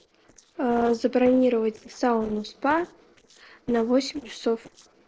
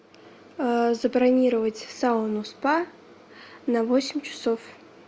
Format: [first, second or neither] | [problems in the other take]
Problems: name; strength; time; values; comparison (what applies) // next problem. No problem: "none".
second | noise reduction (neural separator model SepFormer DNS4)